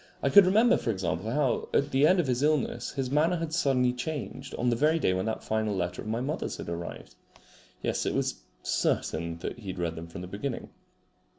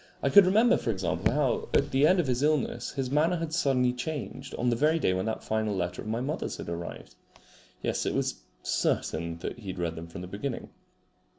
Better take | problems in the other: first | background sound (Raindrop / Drip); 6 dB below the speech

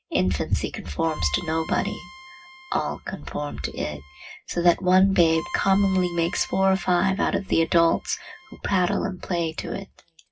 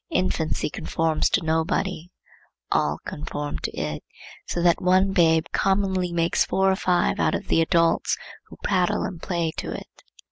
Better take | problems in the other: second | background sound (Bowed string instrument); 19 dB below the speech // room echo; dies away in 0.4 s

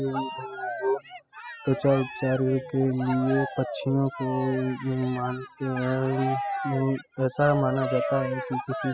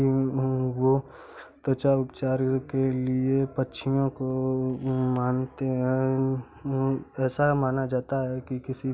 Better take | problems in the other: second | noise reduction (classical method spectral subtraction)

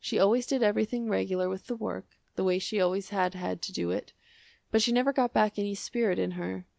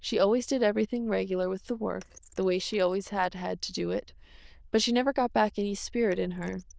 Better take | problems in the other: first | noise reduction (neural diffusion model UNIVERSE++)

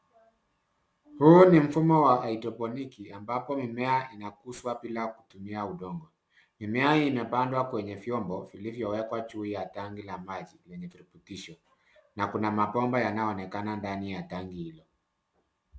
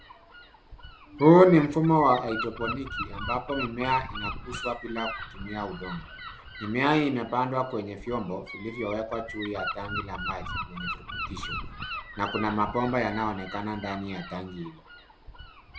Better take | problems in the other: first | background sound (Gull, seagull / Wind); 10 dB below the speech

